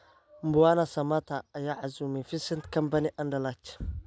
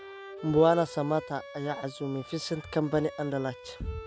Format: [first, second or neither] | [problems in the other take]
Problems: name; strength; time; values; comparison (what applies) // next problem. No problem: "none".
first | background sound (Bowed string instrument); 15 dB below the speech